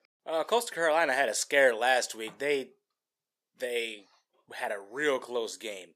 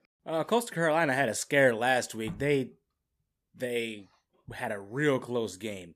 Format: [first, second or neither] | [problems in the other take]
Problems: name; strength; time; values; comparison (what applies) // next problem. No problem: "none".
second | thin; somewhat; fading below 500 Hz